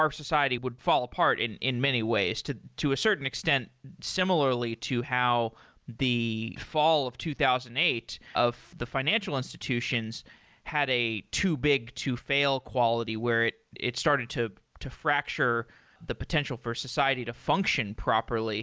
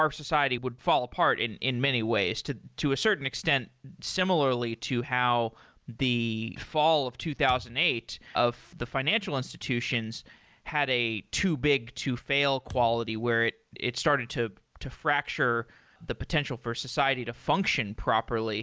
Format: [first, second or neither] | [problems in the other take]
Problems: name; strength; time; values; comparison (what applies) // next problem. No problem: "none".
first | background sound (Thump, thud); 19 dB below the speech